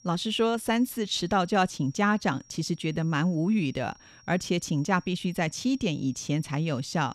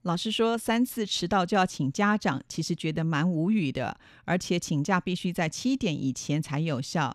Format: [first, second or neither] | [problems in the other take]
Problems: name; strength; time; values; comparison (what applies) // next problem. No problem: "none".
second | high-pitched whine; faint; throughout; 5.5 kHz, 30 dB below the speech